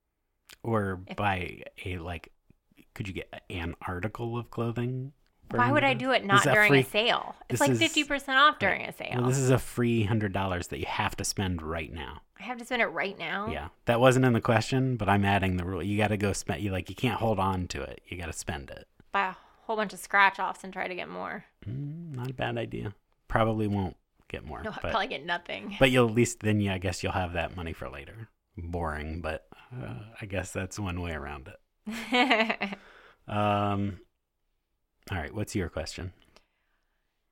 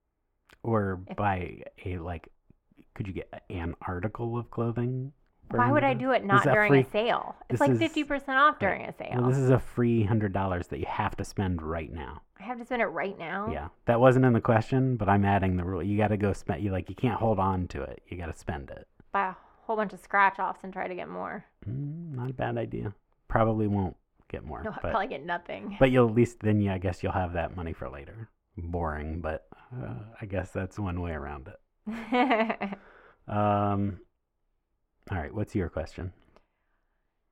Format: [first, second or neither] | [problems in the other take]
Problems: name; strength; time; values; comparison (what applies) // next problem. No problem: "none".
first | muffled; slightly; fading above 2.5 kHz